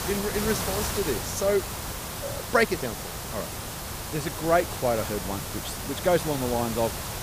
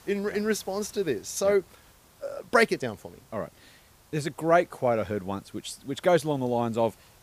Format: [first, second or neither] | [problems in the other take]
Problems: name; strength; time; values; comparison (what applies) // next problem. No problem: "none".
second | hiss; loud; throughout; 4 dB below the speech; faint in the second